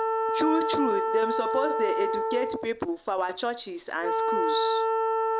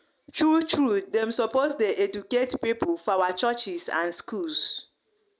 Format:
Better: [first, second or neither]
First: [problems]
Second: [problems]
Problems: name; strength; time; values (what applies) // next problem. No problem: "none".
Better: second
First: background sound (Wind instrument, woodwind instrument); 3 dB above the speech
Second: none